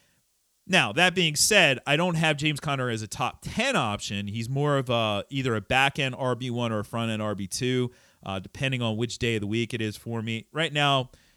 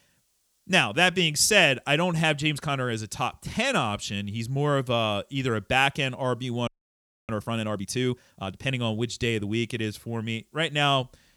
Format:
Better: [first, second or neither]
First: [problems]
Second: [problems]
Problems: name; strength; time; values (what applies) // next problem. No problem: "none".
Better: first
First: none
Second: audio freezing; at 6.5 s for 0.5 s